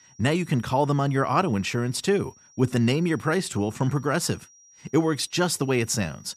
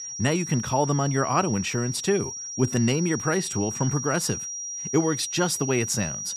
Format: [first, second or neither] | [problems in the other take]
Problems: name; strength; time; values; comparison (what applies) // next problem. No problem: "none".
first | high-pitched whine; loud; throughout; 5.5 kHz, 6 dB below the speech; faint in the first